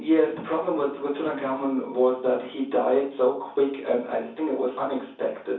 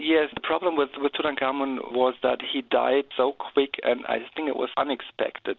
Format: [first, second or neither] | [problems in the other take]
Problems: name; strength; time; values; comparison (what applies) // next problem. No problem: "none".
second | room echo; dies away in 0.6 s